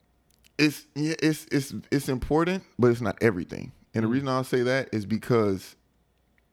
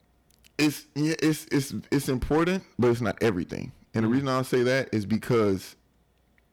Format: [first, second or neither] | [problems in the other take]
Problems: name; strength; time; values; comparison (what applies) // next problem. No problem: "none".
first | distortion; slight; 5% of the sound clipped